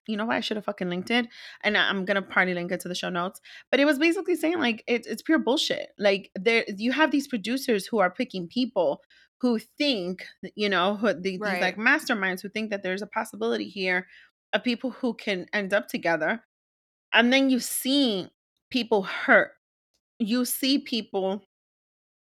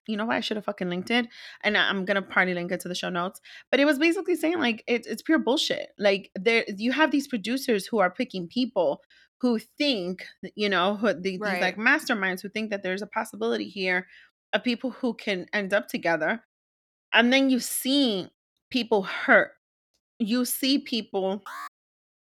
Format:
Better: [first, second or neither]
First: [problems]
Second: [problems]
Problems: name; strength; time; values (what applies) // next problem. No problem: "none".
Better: first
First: none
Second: alarm; faint; at 21 s; peak 15 dB below the speech